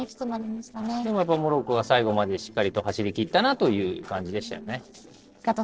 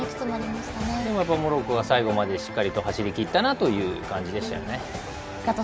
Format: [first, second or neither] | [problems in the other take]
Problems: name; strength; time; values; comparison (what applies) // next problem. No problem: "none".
second | noise reduction (neural separator model SepFormer DNS4)